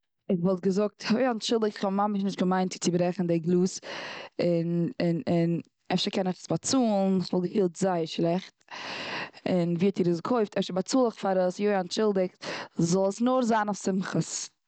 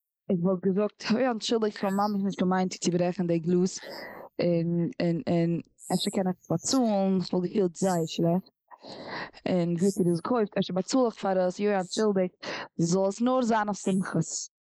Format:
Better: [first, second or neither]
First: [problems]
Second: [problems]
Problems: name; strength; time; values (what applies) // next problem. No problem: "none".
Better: first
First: none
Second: noise reduction (neural mask model Resemble Enhance denoiser)